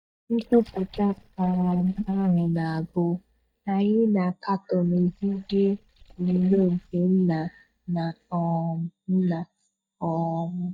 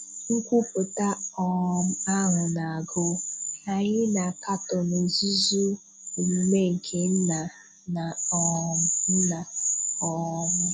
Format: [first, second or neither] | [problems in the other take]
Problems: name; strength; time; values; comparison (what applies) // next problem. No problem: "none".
second | noise reduction (neural mask model DeepFilterNet 3)